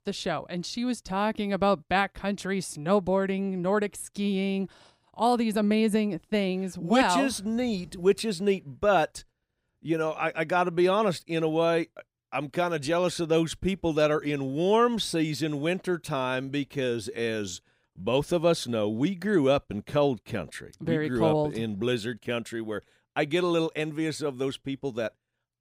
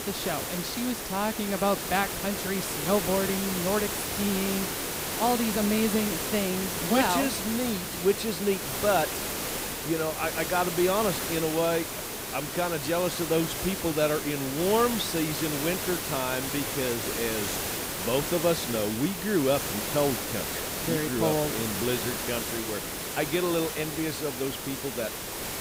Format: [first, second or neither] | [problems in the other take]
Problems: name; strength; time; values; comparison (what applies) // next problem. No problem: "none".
first | hiss; loud; throughout; 2 dB below the speech